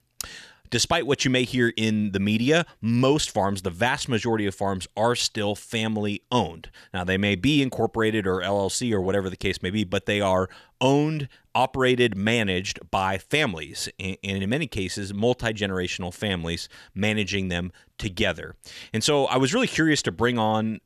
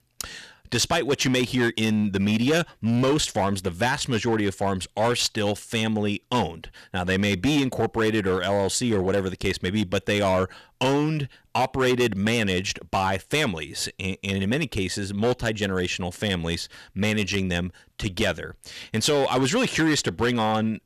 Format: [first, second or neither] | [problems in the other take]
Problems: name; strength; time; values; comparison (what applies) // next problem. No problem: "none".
first | distortion; slight; 8% of the sound clipped